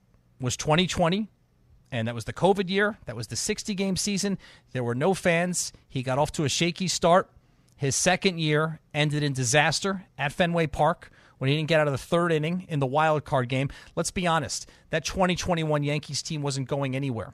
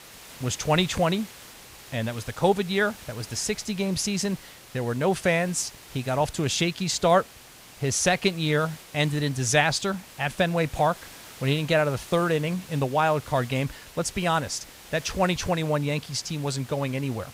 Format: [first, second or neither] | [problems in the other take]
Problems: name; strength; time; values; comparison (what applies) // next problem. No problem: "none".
first | hiss; noticeable; throughout; 20 dB below the speech